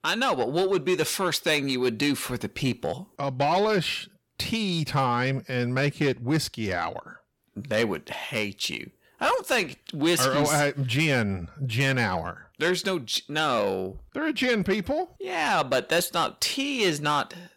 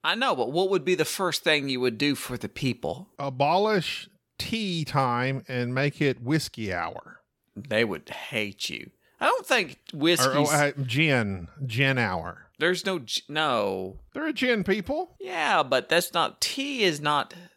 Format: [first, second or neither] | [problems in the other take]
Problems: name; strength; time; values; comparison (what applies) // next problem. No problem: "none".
second | distortion; slight; 10 dB below the speech